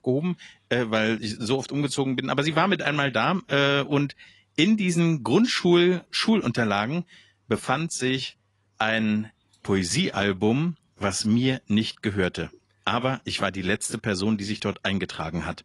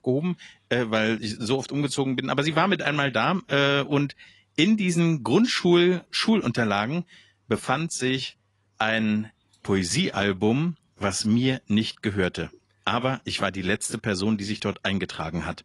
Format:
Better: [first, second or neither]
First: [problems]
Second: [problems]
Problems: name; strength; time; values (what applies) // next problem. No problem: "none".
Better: neither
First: garbled, watery; slightly; nothing above 10.5 kHz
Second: garbled, watery; slightly; nothing above 10.5 kHz